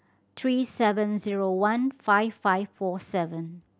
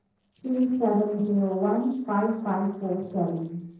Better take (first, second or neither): first